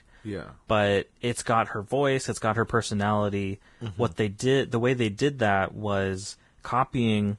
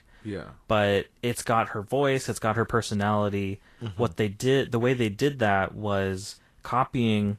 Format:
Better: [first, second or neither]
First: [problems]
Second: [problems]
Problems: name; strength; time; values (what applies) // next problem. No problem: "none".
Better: second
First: garbled, watery; badly; nothing above 10 kHz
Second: garbled, watery; slightly; nothing above 13 kHz